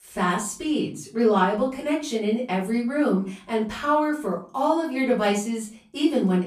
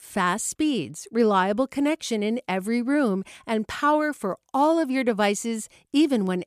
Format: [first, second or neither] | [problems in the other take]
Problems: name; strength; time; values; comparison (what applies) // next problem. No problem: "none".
second | room echo; slight; dies away in 0.3 s // off-mic speech; far